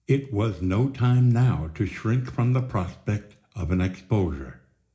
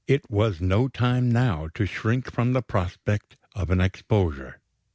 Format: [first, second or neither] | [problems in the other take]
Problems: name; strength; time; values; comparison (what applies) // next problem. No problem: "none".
second | room echo; dies away in 0.4 s